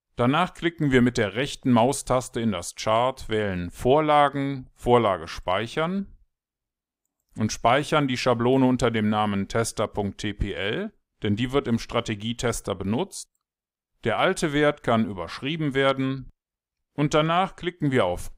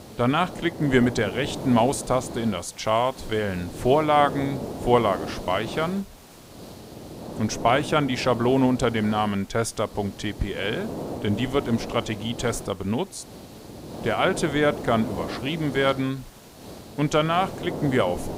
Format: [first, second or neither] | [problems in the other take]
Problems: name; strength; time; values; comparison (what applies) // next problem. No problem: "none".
first | hiss; noticeable; throughout; 10 dB below the speech